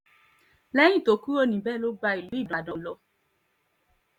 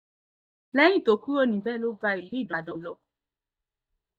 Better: first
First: none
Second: noise reduction (neural mask model DeepFilterNet 3)

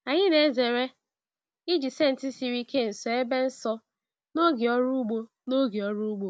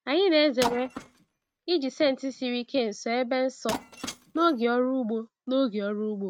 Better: first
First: none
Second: noise reduction (neural mask model RNNoise)

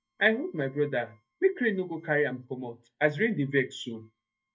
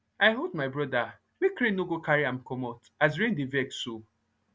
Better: second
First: noise reduction (neural mask model DeepFilterNet 3)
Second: none

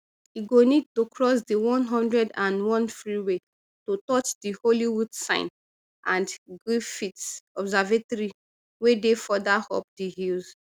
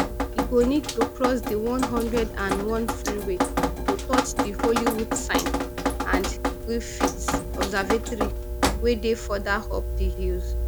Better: first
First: none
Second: background sound (Drip); 1 dB above the speech

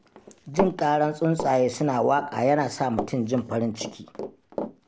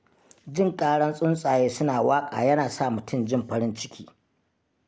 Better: second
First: background sound (Run); 11 dB below the speech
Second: none

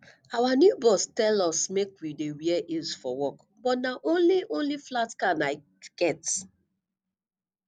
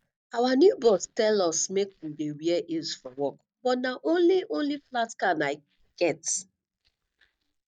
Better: first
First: none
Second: noise reduction (neural mask model DeepFilterNet 3)

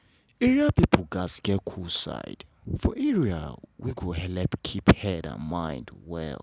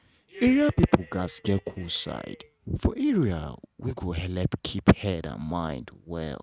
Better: first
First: none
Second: noise reduction (neural mask model RNNoise)

